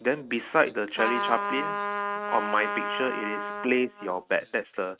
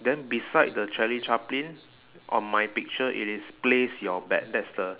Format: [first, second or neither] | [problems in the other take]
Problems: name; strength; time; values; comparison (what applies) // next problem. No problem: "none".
second | noise reduction (neural mask model RNNoise)